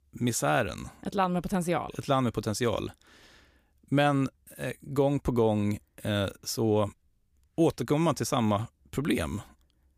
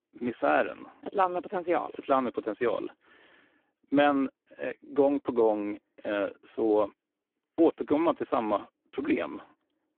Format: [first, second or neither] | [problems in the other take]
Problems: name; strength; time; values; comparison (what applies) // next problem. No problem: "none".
first | phone-call audio; poor line